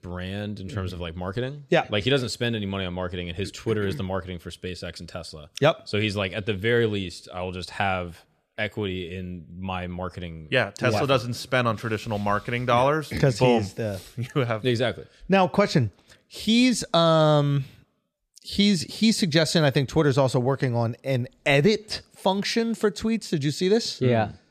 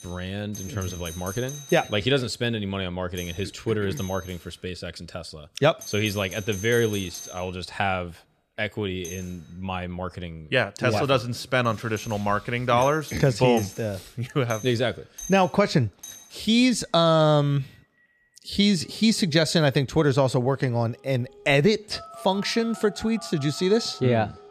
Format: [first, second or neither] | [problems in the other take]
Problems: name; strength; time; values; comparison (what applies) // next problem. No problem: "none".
first | alarms or sirens; noticeable; throughout; 15 dB below the speech